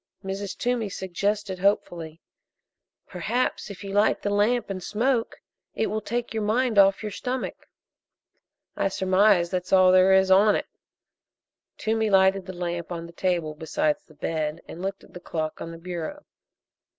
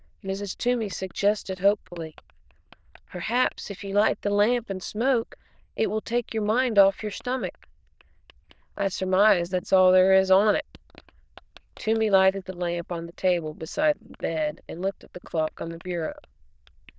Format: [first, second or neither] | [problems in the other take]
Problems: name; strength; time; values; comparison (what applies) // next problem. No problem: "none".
first | noise reduction (neural diffusion model UNIVERSE++)